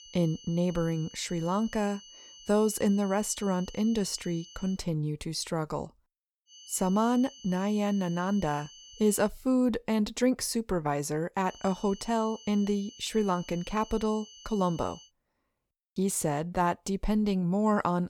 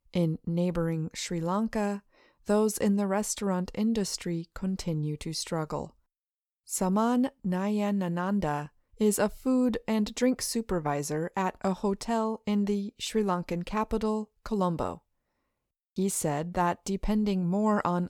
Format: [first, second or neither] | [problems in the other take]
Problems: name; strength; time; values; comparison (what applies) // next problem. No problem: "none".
second | high-pitched whine; noticeable; until 5 s, from 6.5 to 9.5 s and from 11 to 15 s; 3 kHz, 20 dB below the speech